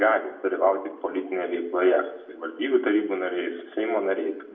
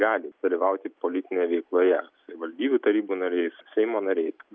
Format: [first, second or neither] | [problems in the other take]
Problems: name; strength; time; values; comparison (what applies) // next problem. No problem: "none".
second | room echo; dies away in 0.7 s